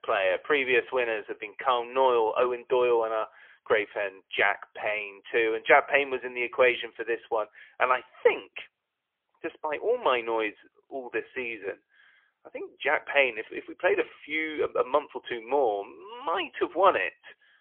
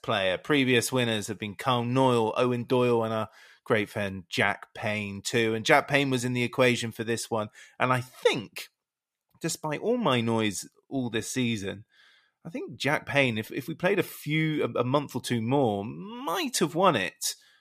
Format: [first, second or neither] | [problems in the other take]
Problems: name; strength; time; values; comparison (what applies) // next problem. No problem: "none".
second | phone-call audio; poor line; nothing above 3.5 kHz